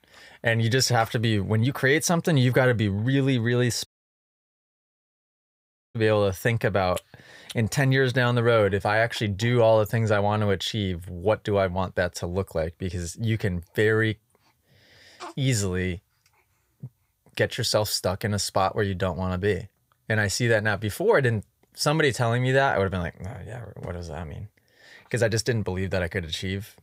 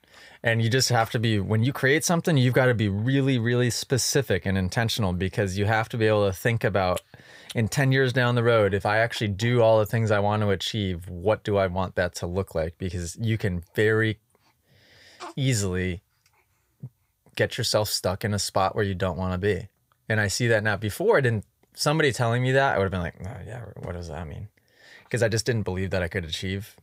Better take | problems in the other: second | audio cutting out; at 4 s for 2 s

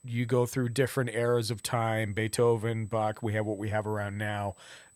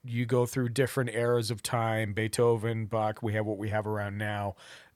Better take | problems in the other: second | high-pitched whine; faint; throughout; 8 kHz, 30 dB below the speech

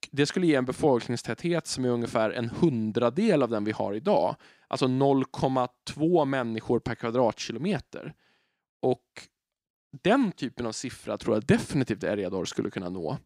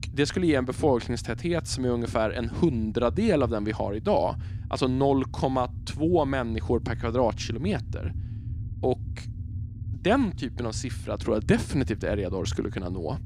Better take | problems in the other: first | low rumble; faint; throughout; 20 dB below the speech

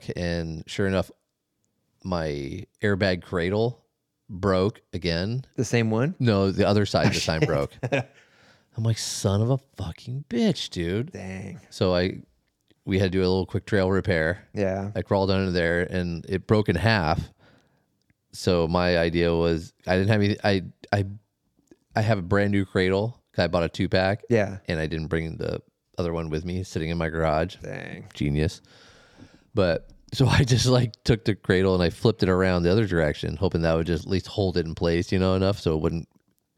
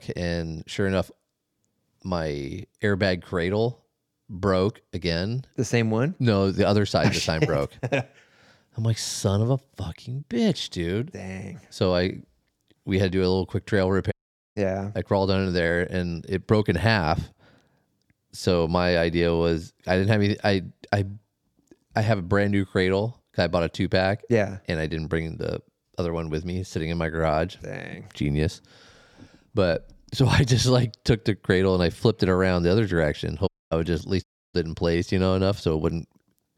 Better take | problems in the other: first | audio cutting out; at 14 s, at 33 s and at 34 s

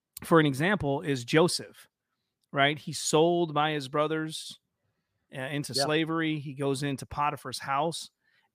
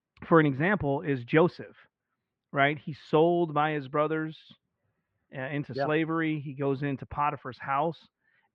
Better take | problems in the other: first | muffled; very; fading above 2.5 kHz

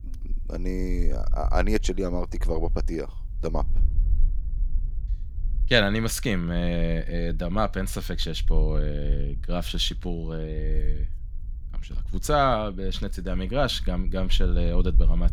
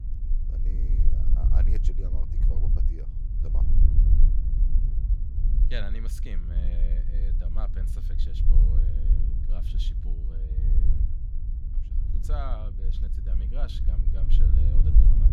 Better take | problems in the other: first | low rumble; loud; throughout; 1 dB below the speech; faint in the first

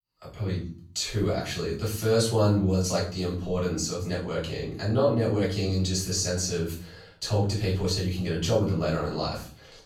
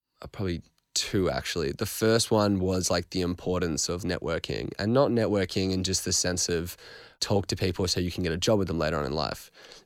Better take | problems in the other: second | off-mic speech; far // room echo; noticeable; dies away in 0.4 s

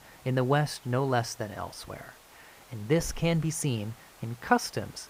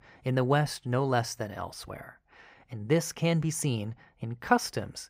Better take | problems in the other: second | hiss; faint; throughout; 20 dB below the speech

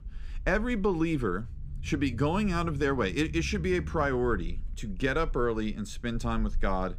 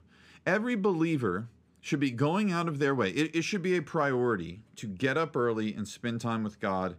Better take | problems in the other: second | low rumble; faint; throughout; 25 dB below the speech

